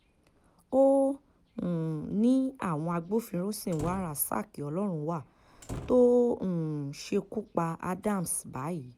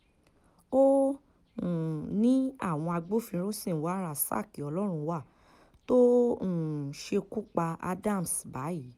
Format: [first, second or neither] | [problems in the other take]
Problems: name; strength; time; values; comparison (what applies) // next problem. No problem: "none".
second | background sound (Slam); 14 dB below the speech